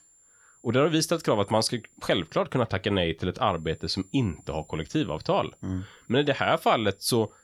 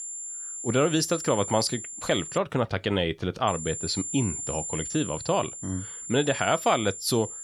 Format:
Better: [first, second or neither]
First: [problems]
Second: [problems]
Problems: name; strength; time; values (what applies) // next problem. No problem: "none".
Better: first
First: high-pitched whine; faint; until 2.5 s and from 3.5 s on; 7 kHz, 30 dB below the speech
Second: high-pitched whine; loud; until 2.5 s and from 3.5 s on; 7 kHz, 7 dB below the speech